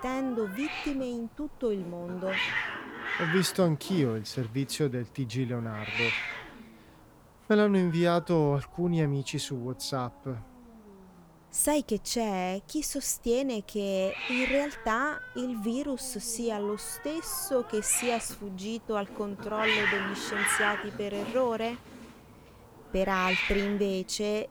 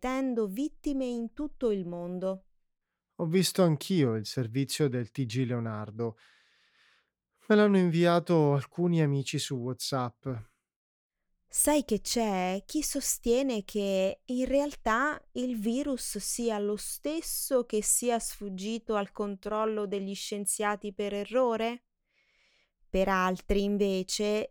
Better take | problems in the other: second | hiss; loud; throughout; 2 dB below the speech

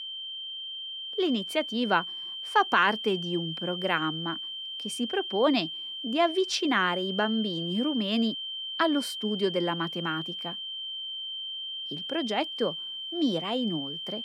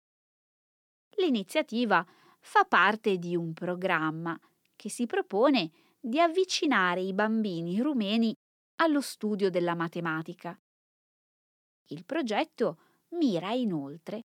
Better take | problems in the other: second | high-pitched whine; loud; throughout; 3 kHz, 5 dB below the speech

